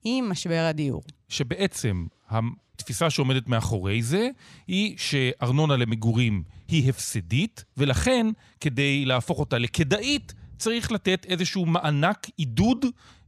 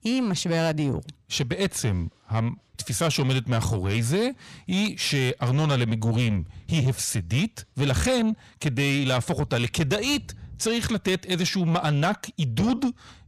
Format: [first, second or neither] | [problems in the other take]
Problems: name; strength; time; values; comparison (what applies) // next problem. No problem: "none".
first | distortion; slight; 10 dB below the speech